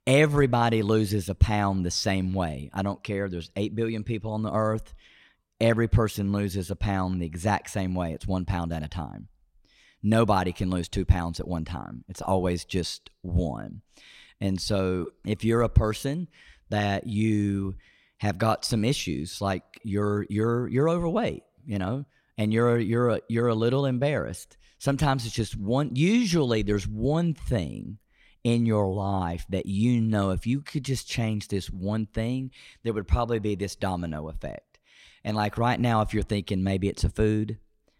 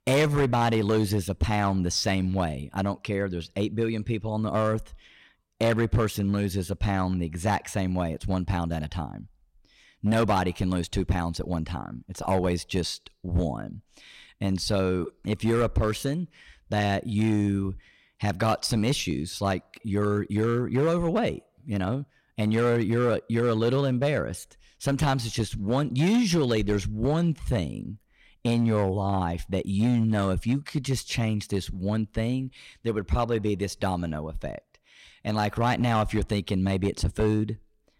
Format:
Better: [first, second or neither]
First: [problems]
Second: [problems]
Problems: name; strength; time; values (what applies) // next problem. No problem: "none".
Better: first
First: none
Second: distortion; slight; 5% of the sound clipped